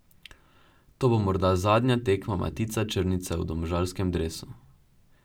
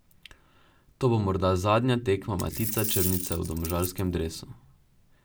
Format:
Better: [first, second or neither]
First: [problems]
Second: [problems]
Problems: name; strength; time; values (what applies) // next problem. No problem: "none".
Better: first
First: none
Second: background sound (Coin (dropping)); 6 dB below the speech